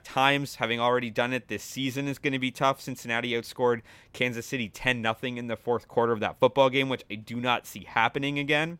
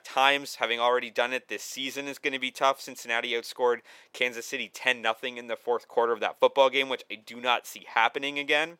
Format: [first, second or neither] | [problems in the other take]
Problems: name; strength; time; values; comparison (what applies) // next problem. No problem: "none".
first | thin; somewhat; fading below 500 Hz